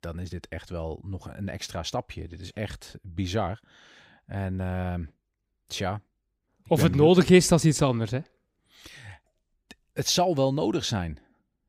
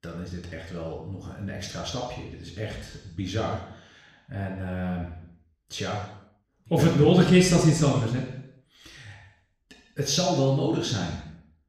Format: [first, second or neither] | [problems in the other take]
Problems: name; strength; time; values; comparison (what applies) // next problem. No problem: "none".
first | room echo; noticeable; dies away in 0.7 s // off-mic speech; far